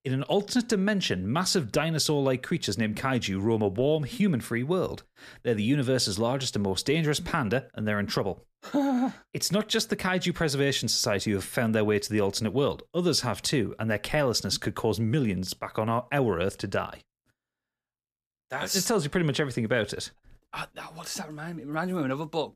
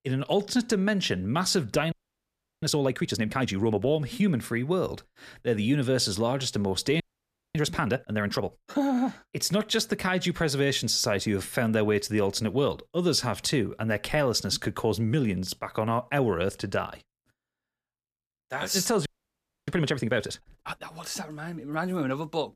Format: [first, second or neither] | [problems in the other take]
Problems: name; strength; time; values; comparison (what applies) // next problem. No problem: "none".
first | audio freezing; at 2 s for 0.5 s, at 7 s for 0.5 s and at 19 s for 0.5 s